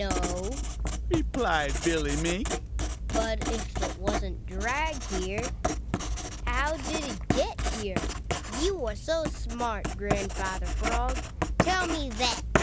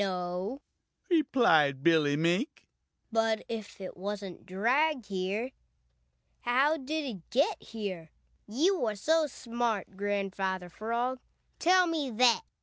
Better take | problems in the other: second | background sound (Writing); 2 dB above the speech

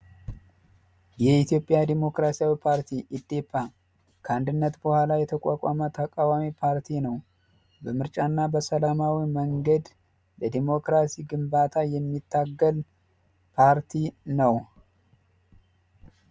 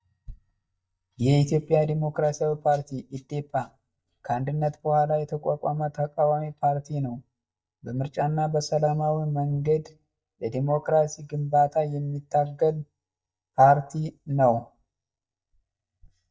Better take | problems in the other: first | noise reduction (neural mask model DeepFilterNet 3)

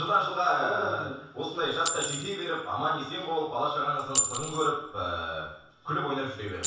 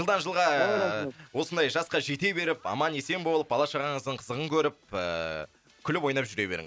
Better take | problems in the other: second | background sound (Chink, clink); 7 dB below the speech // room echo; dies away in 0.7 s

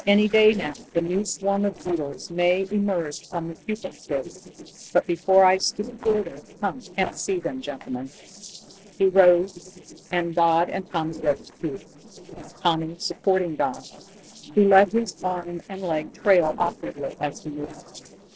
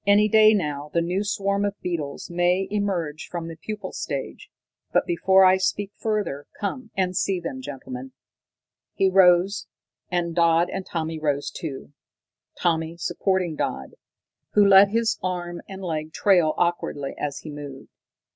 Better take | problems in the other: second | noise reduction (neural separator model SepFormer DNS4)

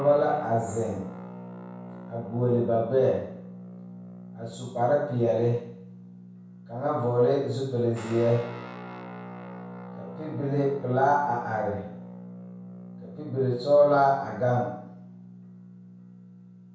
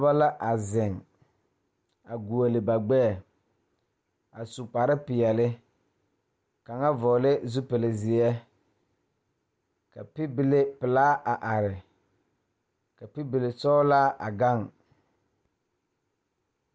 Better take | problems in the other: second | background sound (Guitar); 15 dB below the speech // room echo; dies away in 0.6 s

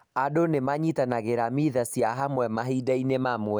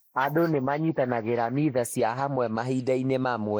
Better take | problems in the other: first | noise reduction (neural mask model Resemble Enhance denoiser)

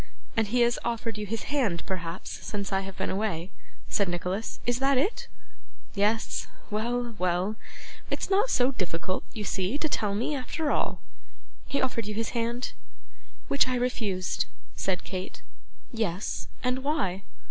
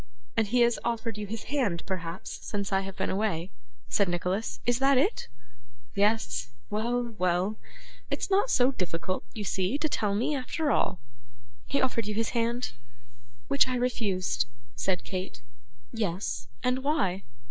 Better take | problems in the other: first | noise reduction (neural mask model DeepFilterNet 3)

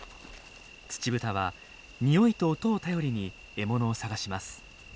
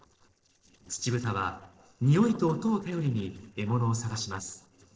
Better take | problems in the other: first | noise reduction (neural separator model SepFormer DNS4)

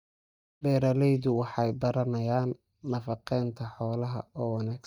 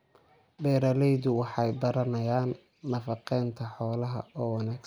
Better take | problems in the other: second | noise reduction (neural mask model DeepFilterNet 3)

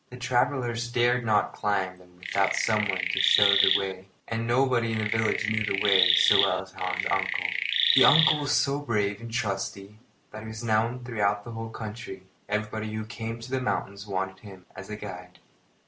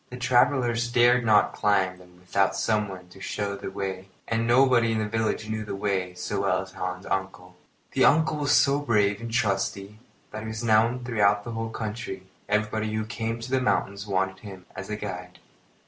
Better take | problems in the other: second | background sound (Chirp, tweet); 2 dB above the speech

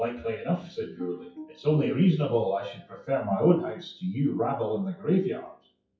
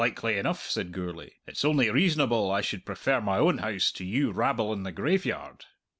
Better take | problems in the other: second | noise reduction (classical method WPE with log-MMSE)

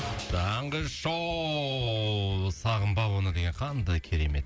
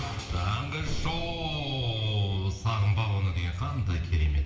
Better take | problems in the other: first | background sound (Drum); 10 dB below the speech // room echo; dies away in 1.3 s

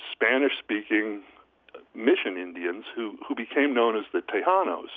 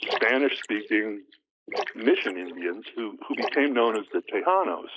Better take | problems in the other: first | noise reduction (neural mask model Resemble Enhance denoiser)

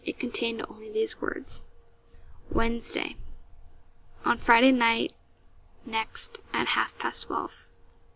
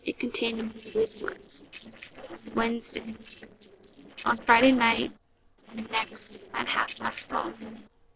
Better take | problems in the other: first | noise reduction (neural separator model SepFormer DNS4)

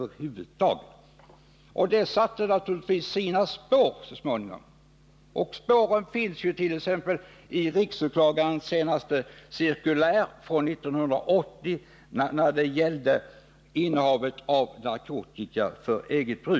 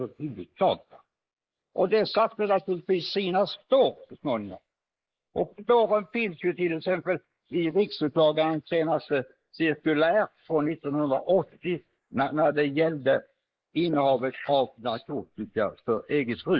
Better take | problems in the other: first | noise reduction (neural mask model Resemble Enhance denoiser)

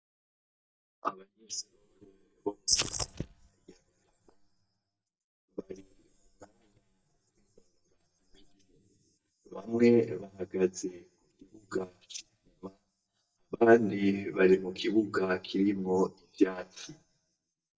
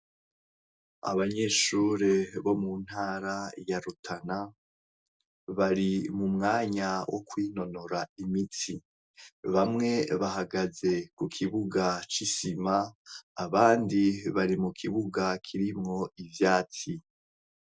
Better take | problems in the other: second | noise reduction (neural mask model DeepFilterNet 3)

